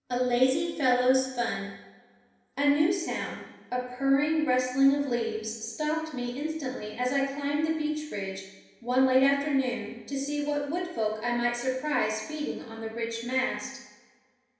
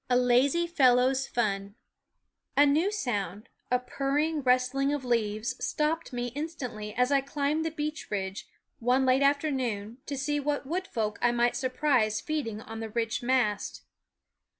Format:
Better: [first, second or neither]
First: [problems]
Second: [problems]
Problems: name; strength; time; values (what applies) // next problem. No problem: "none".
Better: second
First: room echo; dies away in 0.9 s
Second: none